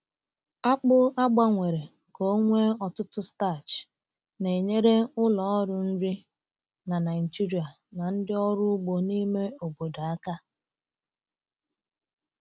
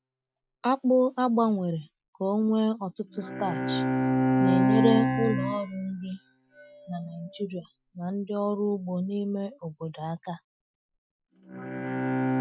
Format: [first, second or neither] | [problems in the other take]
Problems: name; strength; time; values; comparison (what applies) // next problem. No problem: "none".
first | noise reduction (classical method Wiener filter)